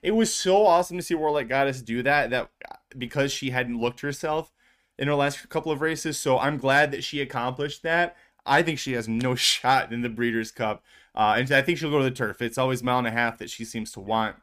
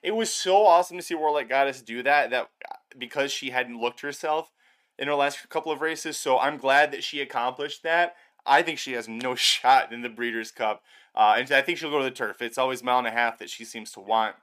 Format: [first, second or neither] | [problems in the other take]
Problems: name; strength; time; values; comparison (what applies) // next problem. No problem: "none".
first | thin; somewhat; fading below 350 Hz